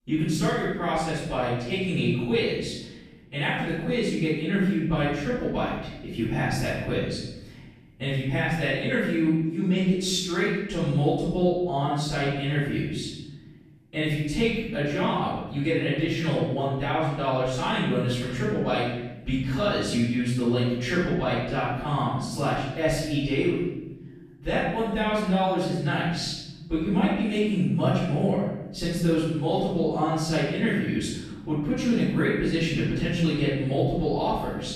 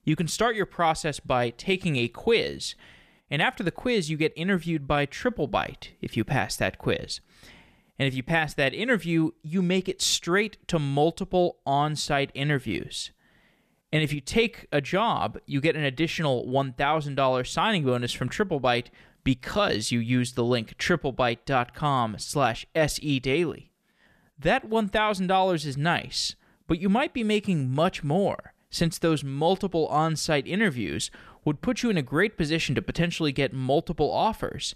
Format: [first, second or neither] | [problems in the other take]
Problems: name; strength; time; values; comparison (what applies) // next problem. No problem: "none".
second | off-mic speech; far // room echo; strong; dies away in 1.1 s